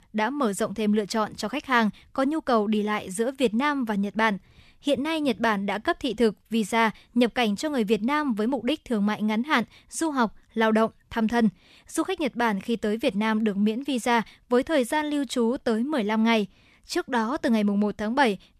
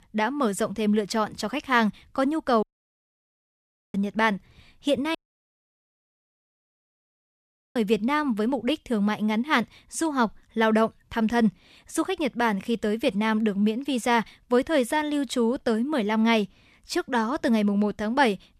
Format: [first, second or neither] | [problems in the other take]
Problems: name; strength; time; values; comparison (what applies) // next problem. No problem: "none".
first | audio cutting out; at 2.5 s for 1.5 s and at 5 s for 2.5 s